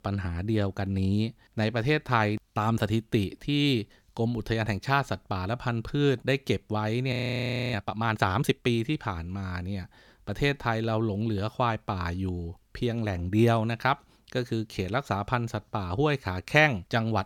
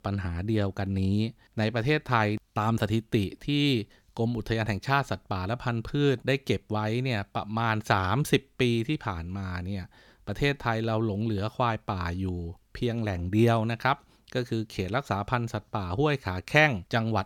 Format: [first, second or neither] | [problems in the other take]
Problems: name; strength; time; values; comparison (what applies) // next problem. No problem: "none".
second | audio freezing; at 7 s for 0.5 s